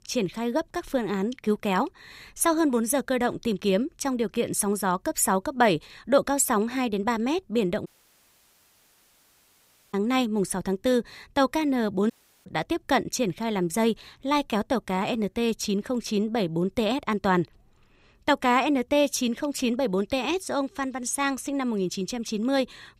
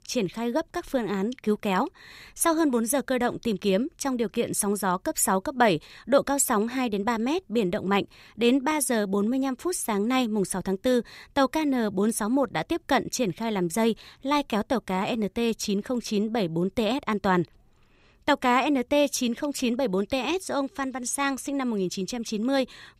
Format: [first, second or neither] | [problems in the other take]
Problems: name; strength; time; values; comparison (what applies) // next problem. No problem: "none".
second | audio cutting out; at 8 s for 2 s and at 12 s